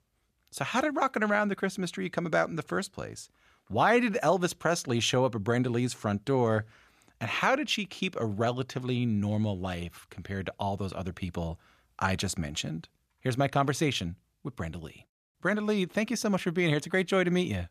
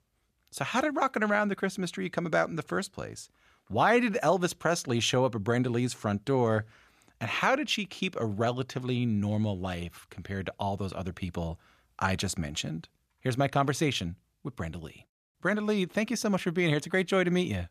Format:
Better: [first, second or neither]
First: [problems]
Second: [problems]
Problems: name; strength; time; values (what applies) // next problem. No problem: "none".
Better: neither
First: none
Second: none